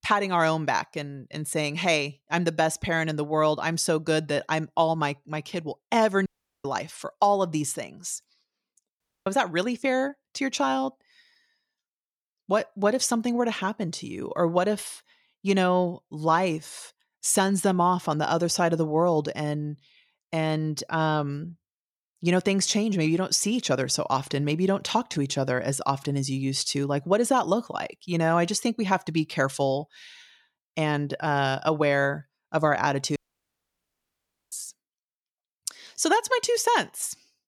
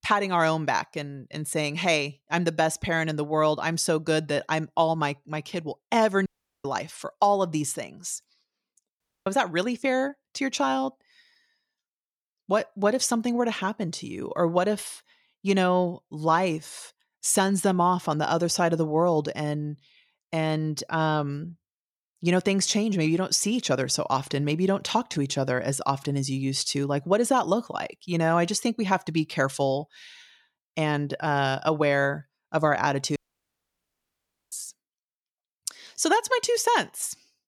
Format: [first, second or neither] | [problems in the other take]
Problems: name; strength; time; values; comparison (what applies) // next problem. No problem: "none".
neither | audio cutting out; at 6.5 s, at 9 s and at 33 s for 1.5 s; the same in both